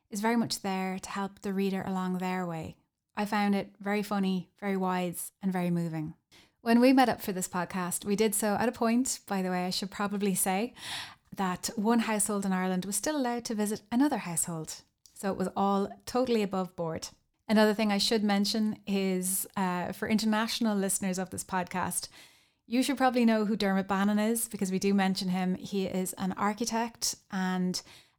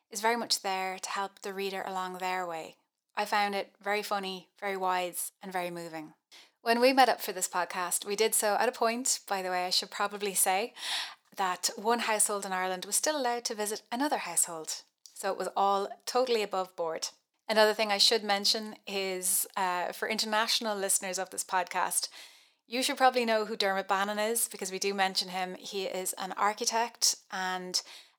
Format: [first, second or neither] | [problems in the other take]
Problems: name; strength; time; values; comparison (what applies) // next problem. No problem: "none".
first | thin; very; fading below 550 Hz